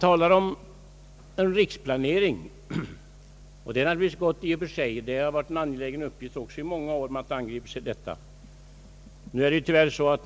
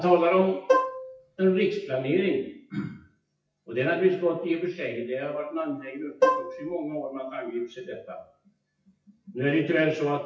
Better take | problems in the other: first | noise reduction (classical method WPE with log-MMSE)

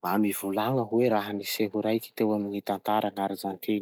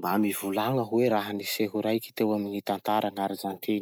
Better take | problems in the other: second | noise reduction (neural mask model DeepFilterNet 3)

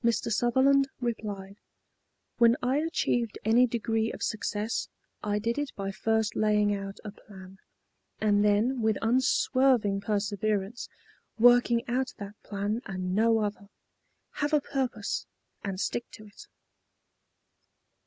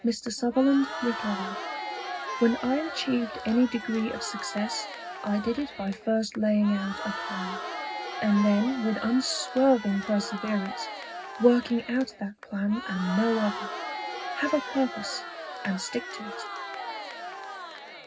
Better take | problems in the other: first | background sound (Crowd); 9 dB below the speech // room echo; dies away in 0.4 s

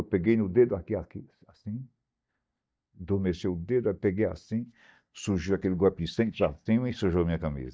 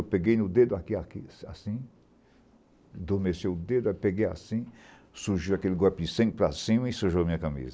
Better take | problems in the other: second | noise reduction (neural mask model DeepFilterNet 3)

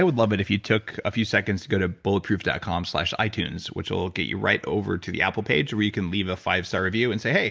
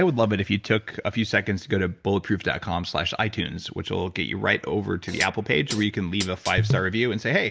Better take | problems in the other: first | background sound (Hi-hat); 5 dB below the speech

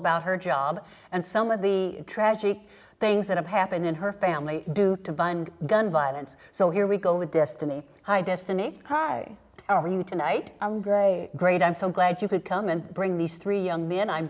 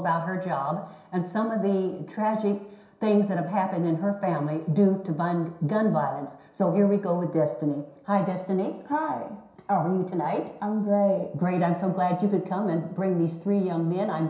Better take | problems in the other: first | room echo; dies away in 0.7 s

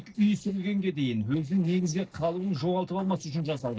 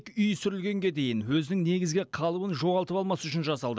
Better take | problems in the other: second | noise reduction (neural separator model SepFormer DNS4)

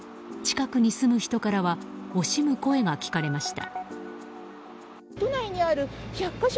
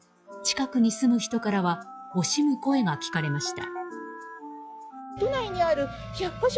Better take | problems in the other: first | noise reduction (classical method log-MMSE)

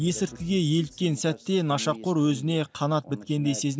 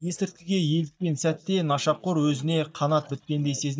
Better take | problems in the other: first | noise reduction (neural mask model DeepFilterNet 3)

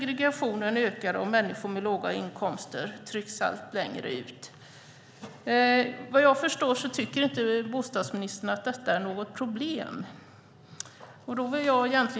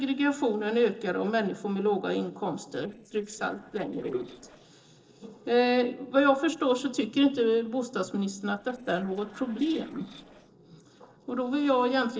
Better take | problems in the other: first | noise reduction (neural separator model SepFormer DNS4)

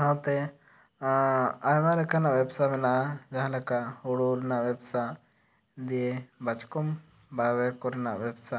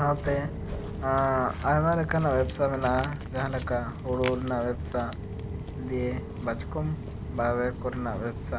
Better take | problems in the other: first | background sound (Walk, footsteps); 6 dB below the speech

